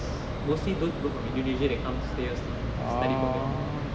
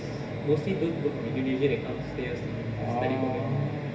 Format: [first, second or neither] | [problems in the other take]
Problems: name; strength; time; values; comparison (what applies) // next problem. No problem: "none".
first | room echo; dies away in 0.3 s